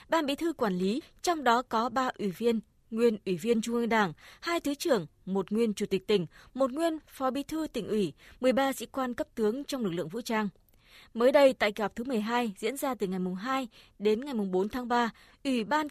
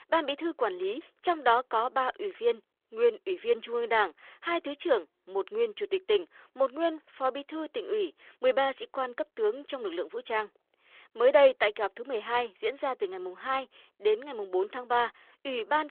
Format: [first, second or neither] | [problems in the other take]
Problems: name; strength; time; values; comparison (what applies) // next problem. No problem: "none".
first | phone-call audio